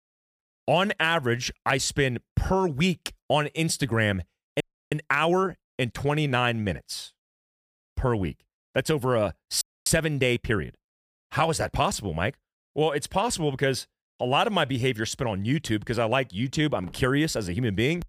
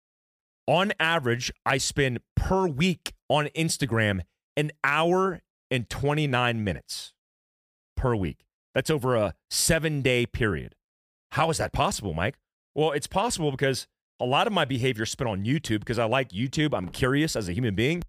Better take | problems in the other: second | audio freezing; at 4.5 s and at 9.5 s

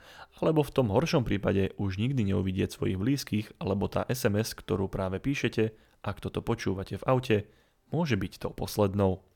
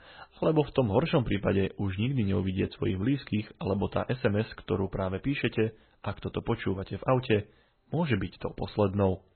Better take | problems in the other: first | garbled, watery; badly; nothing above 4 kHz

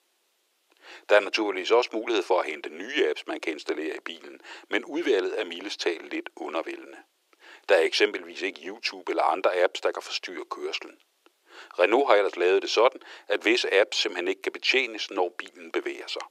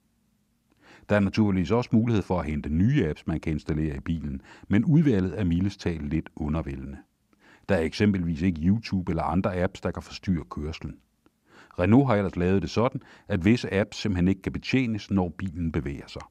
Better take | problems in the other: second | thin; very; fading below 350 Hz

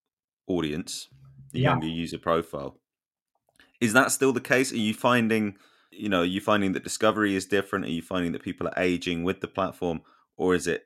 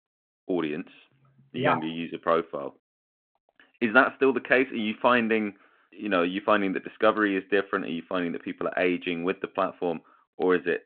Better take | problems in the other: first | phone-call audio

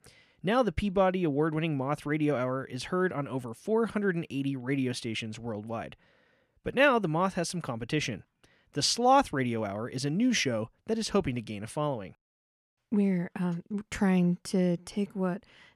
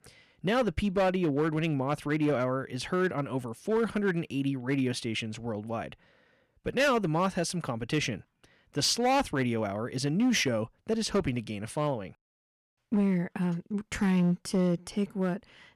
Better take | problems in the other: first | distortion; slight; 5% of the sound clipped

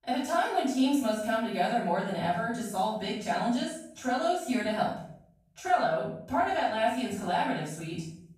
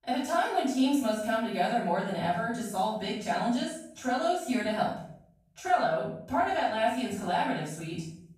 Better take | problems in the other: neither | room echo; strong; dies away in 0.7 s; the same in both // off-mic speech; far; the same in both

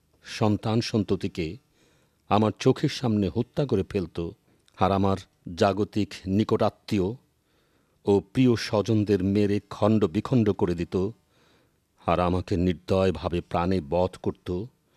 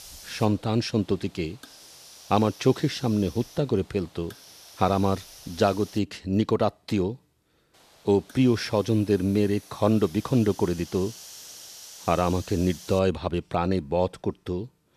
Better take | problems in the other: first | hiss; noticeable; until 6 s and from 7.5 to 13 s; 20 dB below the speech

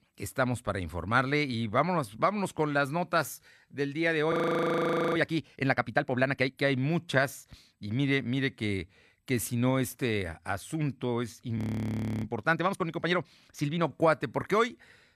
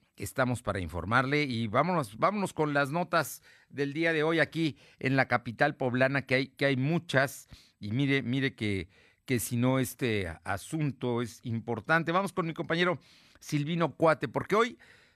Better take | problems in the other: second | audio freezing; at 4.5 s for 1 s and at 12 s for 0.5 s

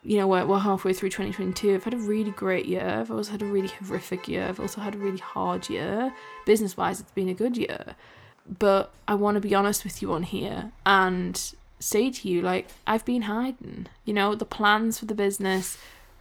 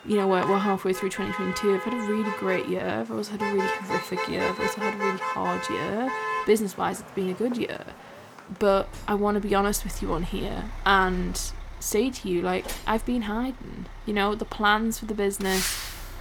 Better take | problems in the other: first | traffic noise; loud; throughout; 6 dB below the speech; faint in the first

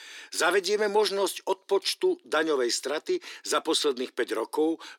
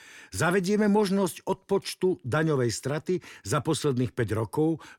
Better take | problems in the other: second | thin; very; fading below 300 Hz

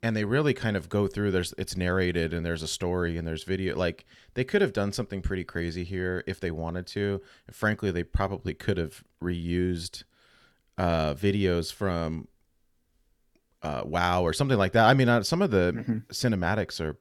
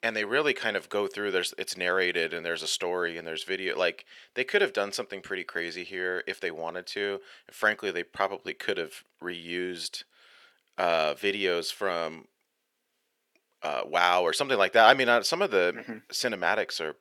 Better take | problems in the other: first | thin; very; fading below 500 Hz

